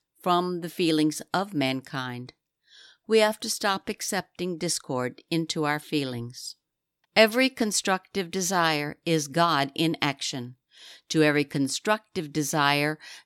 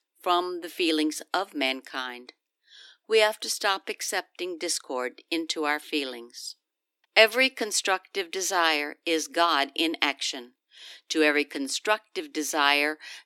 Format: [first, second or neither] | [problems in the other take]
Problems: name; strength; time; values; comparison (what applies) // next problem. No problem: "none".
first | thin; somewhat; fading below 300 Hz